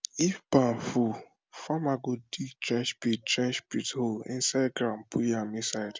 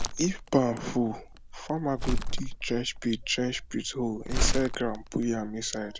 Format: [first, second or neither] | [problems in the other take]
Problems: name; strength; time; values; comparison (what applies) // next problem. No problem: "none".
first | background sound (Crumpling, crinkling); 2 dB below the speech